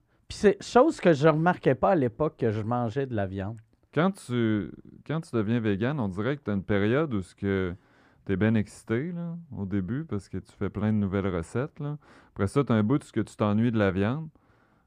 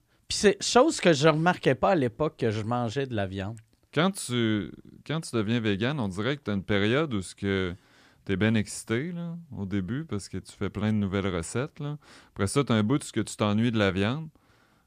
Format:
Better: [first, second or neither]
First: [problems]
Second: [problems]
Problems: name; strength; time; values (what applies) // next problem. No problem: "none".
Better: second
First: muffled; slightly; fading above 2 kHz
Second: none